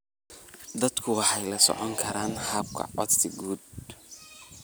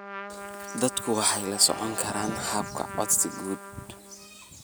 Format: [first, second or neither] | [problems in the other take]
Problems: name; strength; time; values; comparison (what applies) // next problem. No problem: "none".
first | background sound (Trumpet); 11 dB below the speech